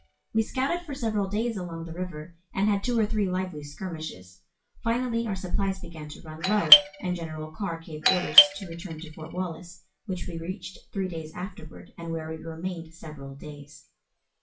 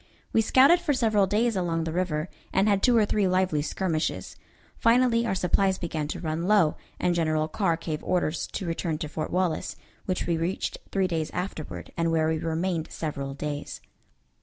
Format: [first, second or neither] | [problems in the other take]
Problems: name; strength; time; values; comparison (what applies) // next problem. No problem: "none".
second | noise reduction (classical method WPE with log-MMSE)